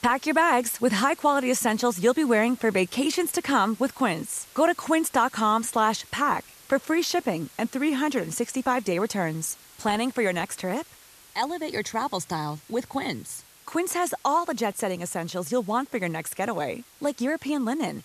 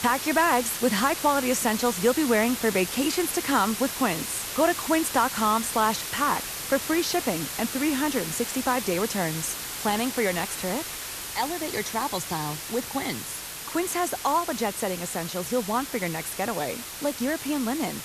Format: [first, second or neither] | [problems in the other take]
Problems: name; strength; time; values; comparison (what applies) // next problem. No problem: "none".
first | hiss; loud; throughout; 5 dB below the speech; faint in the first